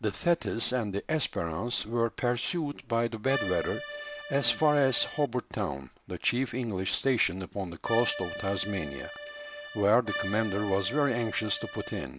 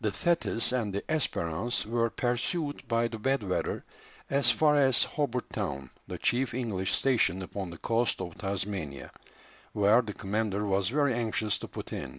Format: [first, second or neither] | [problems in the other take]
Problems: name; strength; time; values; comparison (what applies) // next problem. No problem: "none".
second | background sound (Accordion); 9 dB below the speech